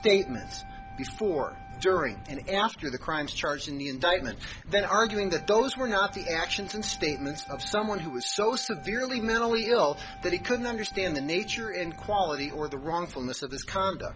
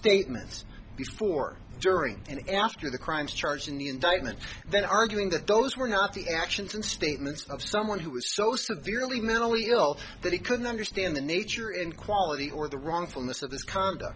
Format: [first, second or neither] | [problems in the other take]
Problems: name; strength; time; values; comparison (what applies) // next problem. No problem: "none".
second | background sound (Wind instrument, woodwind instrument); 17 dB below the speech